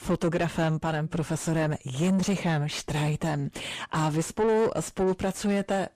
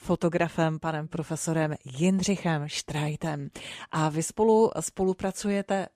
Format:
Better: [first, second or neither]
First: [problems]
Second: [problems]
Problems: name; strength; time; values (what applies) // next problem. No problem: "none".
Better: second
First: distortion; heavy; 7 dB below the speech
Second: none